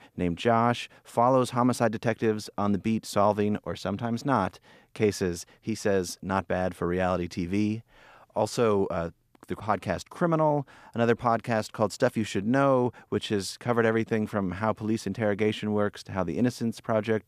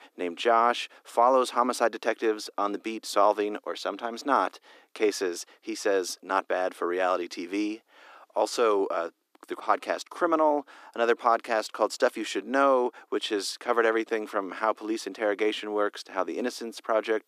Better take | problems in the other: first | thin; somewhat; fading below 300 Hz

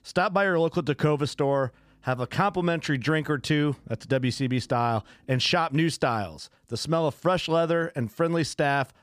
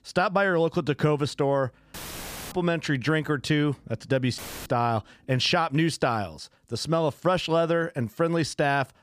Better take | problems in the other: first | audio cutting out; filled with static; at 2 s for 0.5 s and at 4.5 s

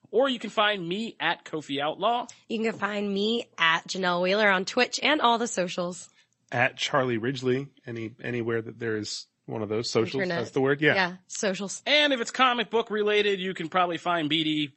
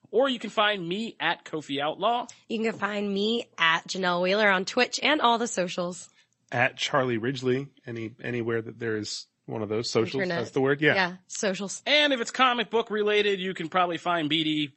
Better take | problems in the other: neither | garbled, watery; slightly; nothing above 8 kHz; the same in both

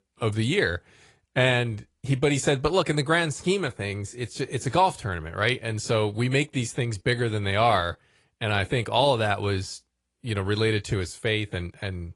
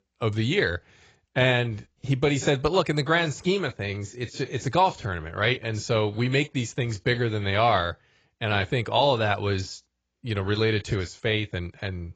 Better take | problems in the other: first | garbled, watery; badly; nothing above 7.5 kHz; slightly in the first

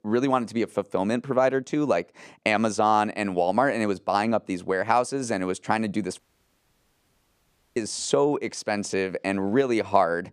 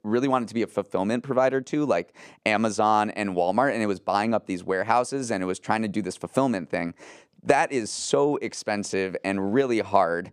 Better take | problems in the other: second | audio cutting out; at 6 s for 1.5 s

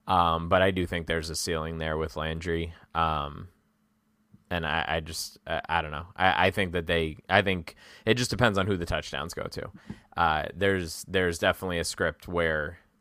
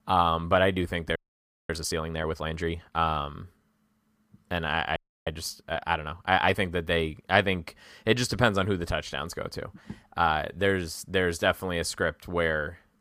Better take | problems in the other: first | audio freezing; at 1 s for 0.5 s and at 5 s

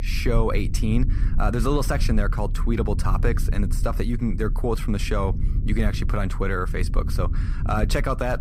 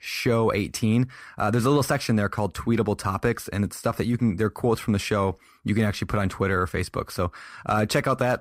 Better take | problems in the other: second | low rumble; noticeable; throughout; 15 dB below the speech

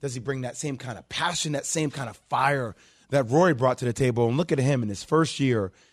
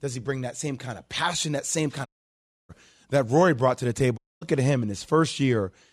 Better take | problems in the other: first | audio cutting out; at 2 s for 0.5 s and at 4 s

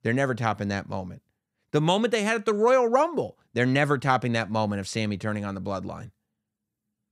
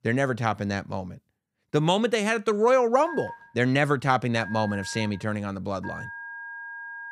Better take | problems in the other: first | phone ringing; faint; from 3 s on; peak 10 dB below the speech

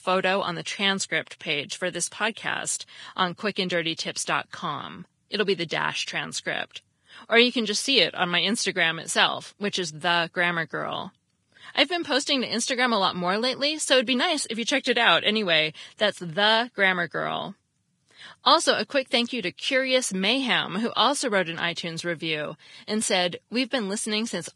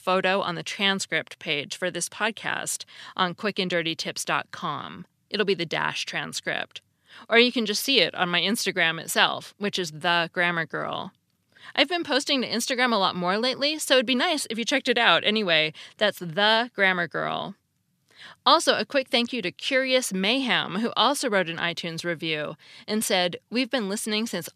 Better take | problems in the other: second | garbled, watery; badly; nothing above 10.5 kHz

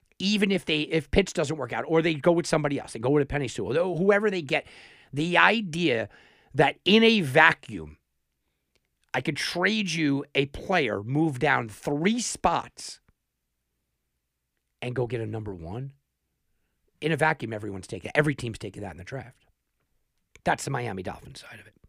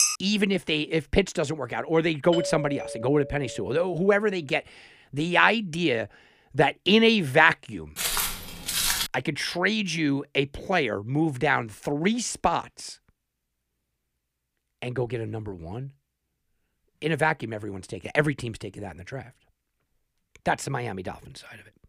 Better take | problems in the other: first | clattering dishes; loud; at the start; peak 2 dB above the speech // doorbell; noticeable; from 2.5 to 4 s; peak 6 dB below the speech // footsteps; loud; from 8 to 9 s; peak 1 dB above the speech

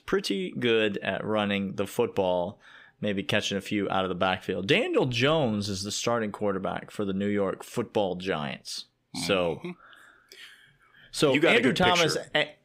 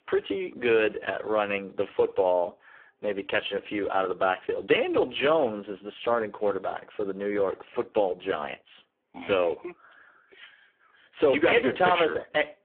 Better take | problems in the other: first | phone-call audio; poor line

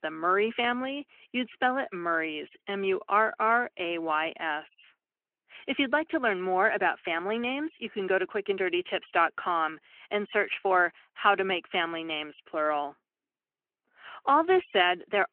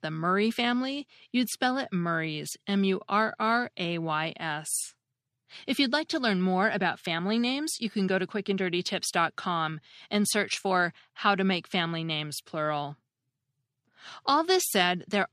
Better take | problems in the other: second | phone-call audio

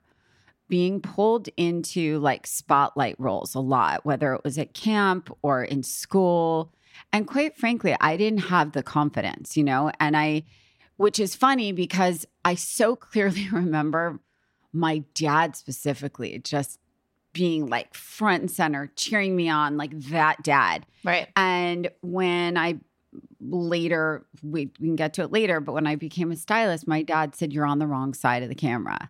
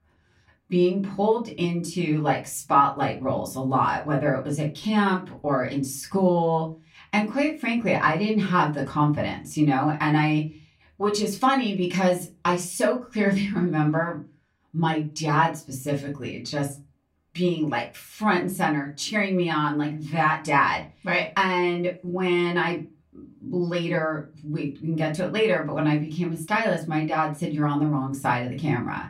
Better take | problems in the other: first | off-mic speech; far // room echo; very slight; dies away in 0.2 s

